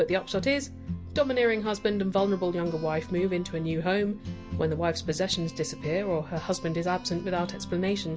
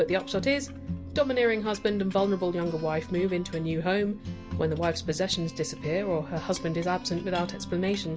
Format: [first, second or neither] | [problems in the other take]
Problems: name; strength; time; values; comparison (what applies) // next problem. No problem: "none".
first | background sound (Bass guitar + Chink, clink); 19 dB below the speech